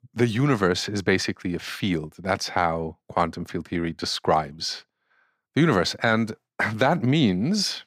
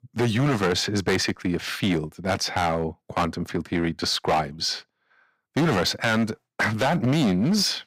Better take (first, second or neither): first